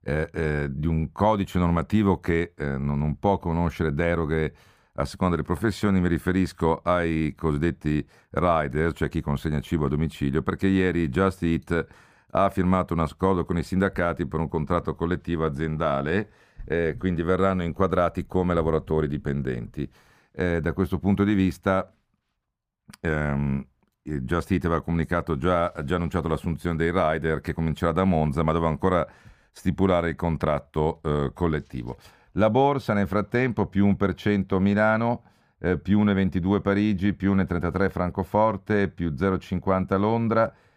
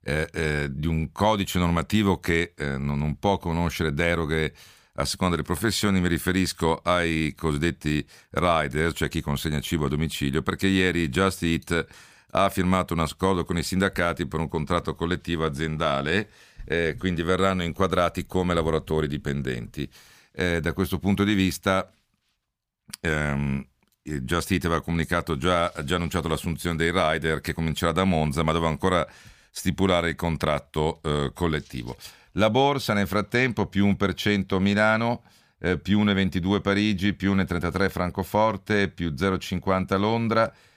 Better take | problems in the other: second | muffled; slightly; fading above 2 kHz

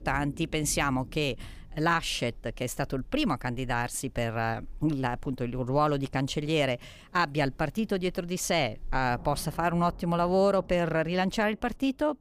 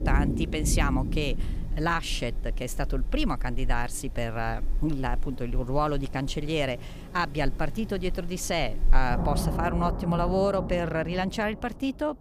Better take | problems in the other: first | rain or running water; loud; throughout; 4 dB below the speech; faint in the first

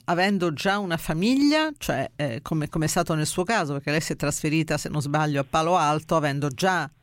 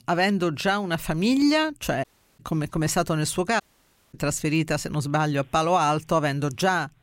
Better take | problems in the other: first | audio cutting out; at 2 s and at 3.5 s for 0.5 s

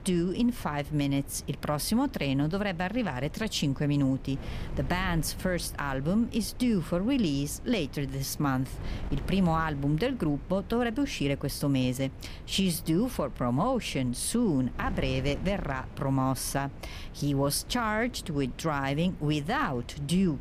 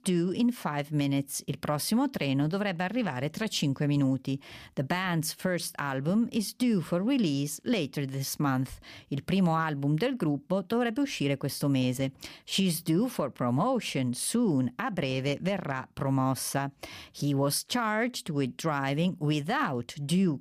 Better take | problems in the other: second | wind noise on the microphone; occasional gusts; 20 dB below the speech

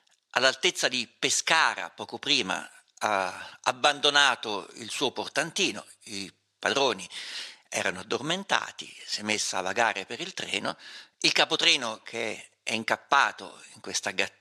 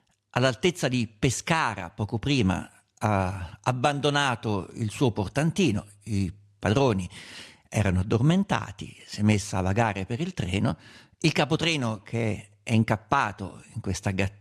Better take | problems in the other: second | thin; very; fading below 450 Hz

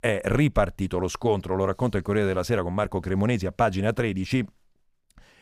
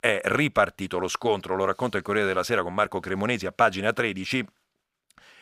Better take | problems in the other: first | thin; somewhat; fading below 800 Hz

